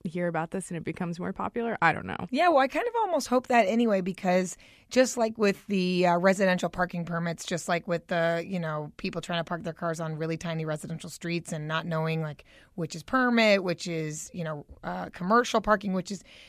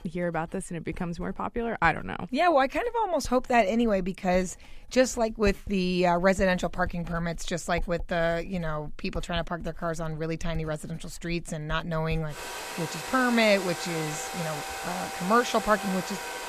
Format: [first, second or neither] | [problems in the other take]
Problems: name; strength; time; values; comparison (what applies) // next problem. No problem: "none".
first | household noises; noticeable; throughout; 10 dB below the speech